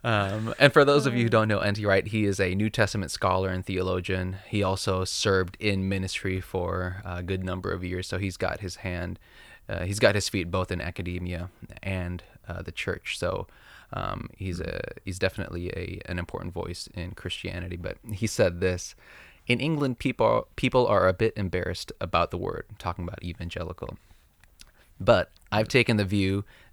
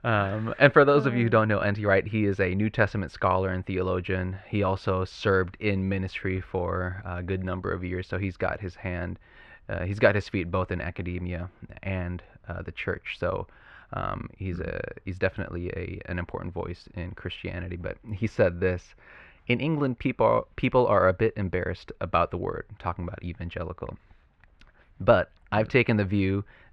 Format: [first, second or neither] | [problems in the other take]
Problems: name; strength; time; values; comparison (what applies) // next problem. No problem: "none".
first | muffled; slightly; fading above 2 kHz